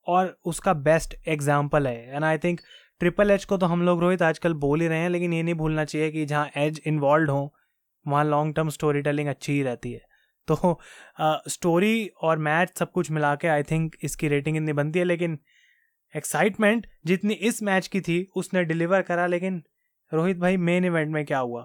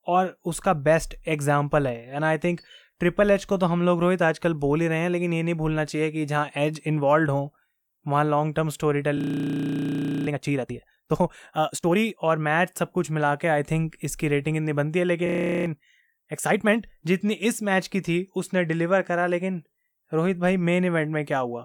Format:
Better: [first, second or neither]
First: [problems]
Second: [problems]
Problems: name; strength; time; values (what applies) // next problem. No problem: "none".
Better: first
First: none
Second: audio freezing; at 9 s for 1 s and at 15 s